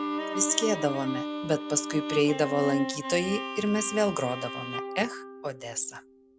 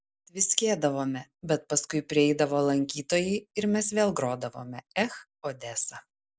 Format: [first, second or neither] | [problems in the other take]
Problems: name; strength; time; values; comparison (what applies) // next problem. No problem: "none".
second | background sound (Bowed string instrument); 6 dB below the speech